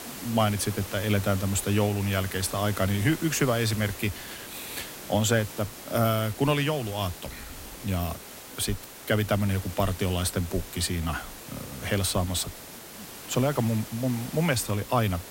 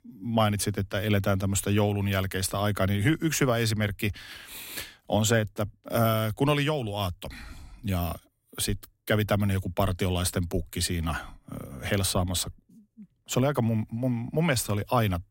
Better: second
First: hiss; noticeable; throughout; 10 dB below the speech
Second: none

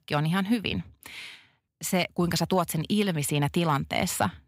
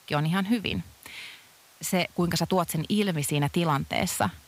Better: first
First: none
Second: hiss; faint; throughout; 25 dB below the speech

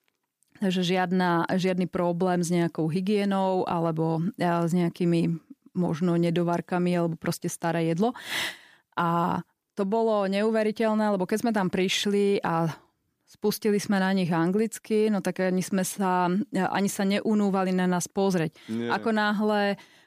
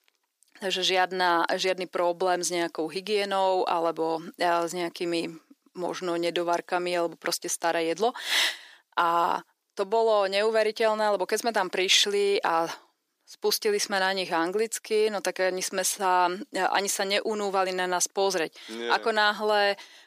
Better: first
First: none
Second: thin; very; fading below 400 Hz

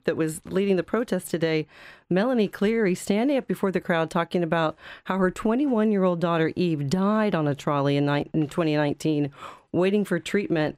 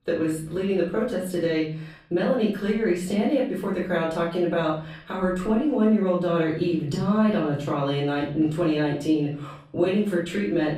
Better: first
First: none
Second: off-mic speech; far // room echo; noticeable; dies away in 0.5 s

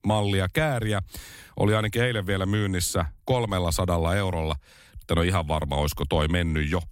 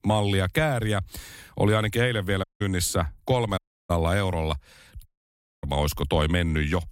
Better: first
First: none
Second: audio cutting out; at 2.5 s, at 3.5 s and at 5 s for 0.5 s

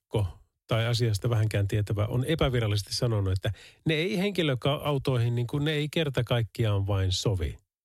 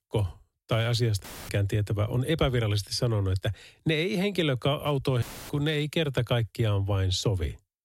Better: first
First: none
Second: audio cutting out; filled with static; at 1 s and at 5 s

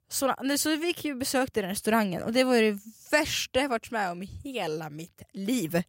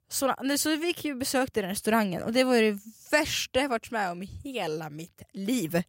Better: neither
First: none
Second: none

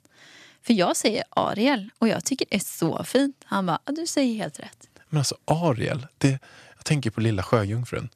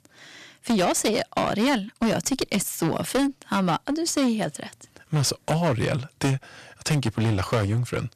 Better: first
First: none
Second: distortion; heavy; 14% of the sound clipped

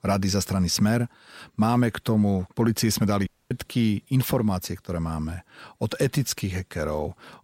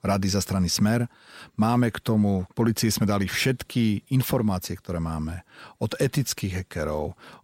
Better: second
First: audio cutting out; at 3.5 s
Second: none

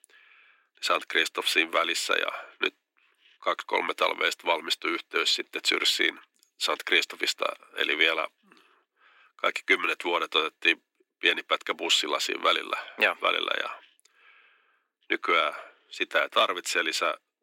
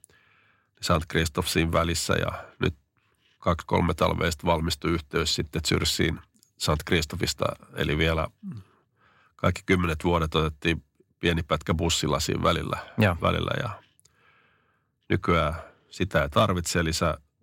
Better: second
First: thin; very; fading below 300 Hz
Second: none

